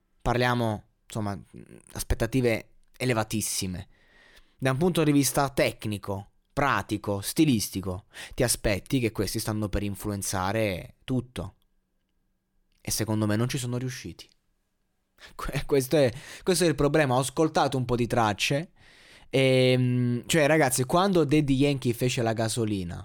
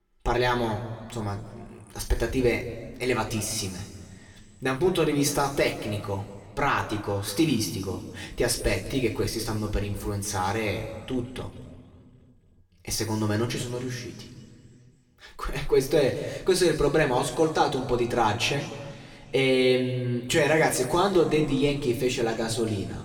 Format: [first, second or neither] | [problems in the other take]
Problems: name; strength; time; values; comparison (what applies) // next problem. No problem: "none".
first | room echo; slight; dies away in 1.9 s // off-mic speech; somewhat distant